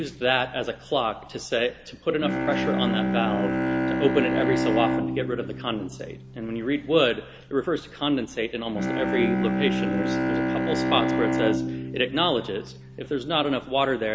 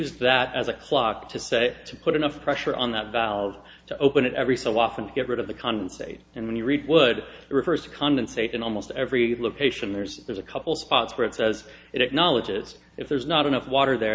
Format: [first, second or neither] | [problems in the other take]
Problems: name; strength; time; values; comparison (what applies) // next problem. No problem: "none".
second | background sound (Bowed string instrument); 1 dB below the speech